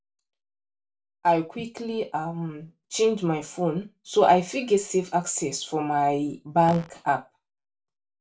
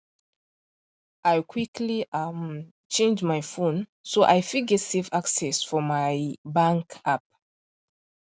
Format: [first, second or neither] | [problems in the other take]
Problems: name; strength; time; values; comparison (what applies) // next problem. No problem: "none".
second | background sound (Fart); 14 dB below the speech // room echo; dies away in 0.2 s